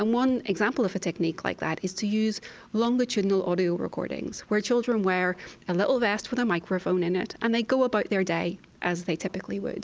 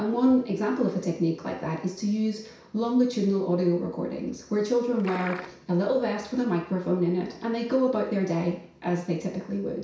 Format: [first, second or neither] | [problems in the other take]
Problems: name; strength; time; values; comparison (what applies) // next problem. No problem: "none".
first | background sound (Liquid); 11 dB below the speech // room echo; dies away in 0.6 s